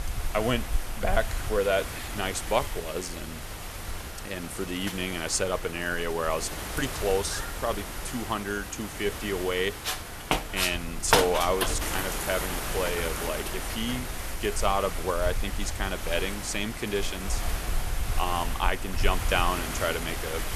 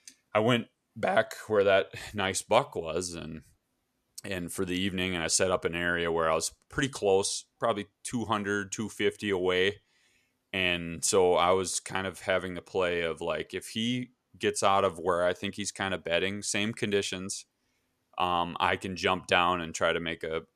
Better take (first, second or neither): second